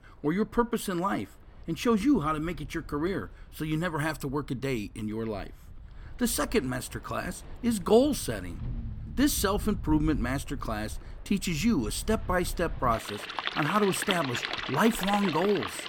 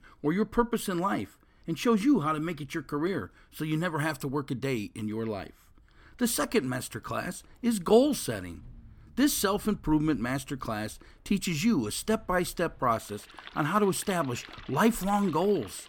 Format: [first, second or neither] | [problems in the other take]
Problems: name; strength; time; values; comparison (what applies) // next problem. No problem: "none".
second | rain or running water; loud; throughout; 8 dB below the speech; faint in the second